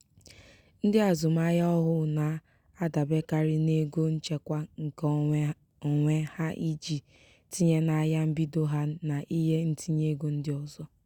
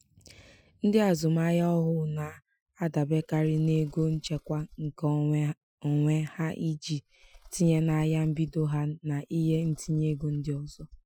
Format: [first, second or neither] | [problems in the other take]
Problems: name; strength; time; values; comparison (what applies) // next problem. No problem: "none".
first | noise reduction (classical method Wiener filter)